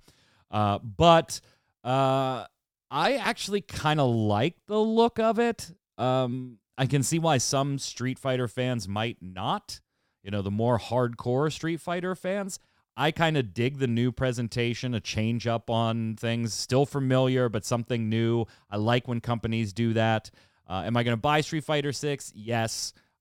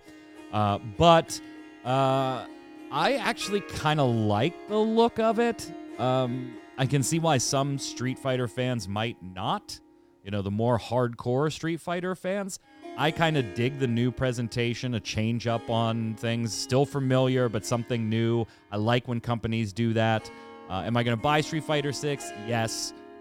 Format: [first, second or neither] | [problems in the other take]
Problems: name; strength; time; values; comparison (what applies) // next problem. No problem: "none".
first | background music; noticeable; throughout; 15 dB below the speech